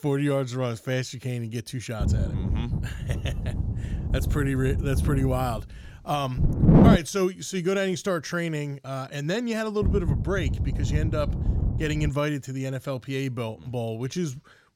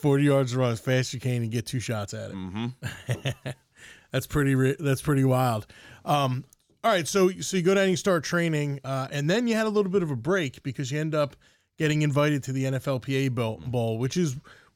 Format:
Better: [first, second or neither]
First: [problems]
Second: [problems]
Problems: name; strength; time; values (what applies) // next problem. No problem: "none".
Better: second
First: wind noise on the microphone; heavy; from 2 to 7 s and from 10 to 12 s; 3 dB below the speech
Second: none